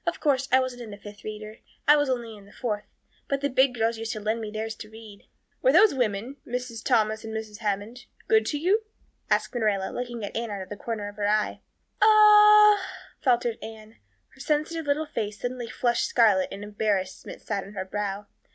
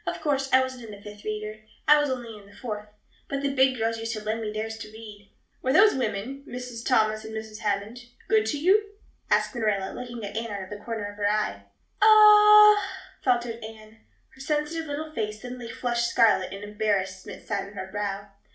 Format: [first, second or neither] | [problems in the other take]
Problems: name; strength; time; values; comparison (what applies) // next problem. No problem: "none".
first | room echo; dies away in 0.4 s